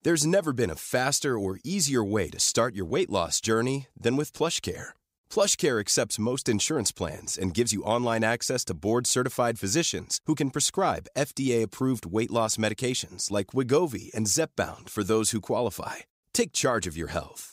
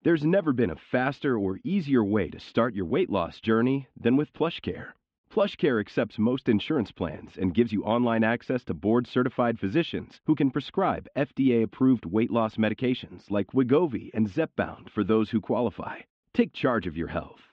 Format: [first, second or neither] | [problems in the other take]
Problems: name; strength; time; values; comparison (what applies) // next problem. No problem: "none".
first | muffled; very; fading above 3 kHz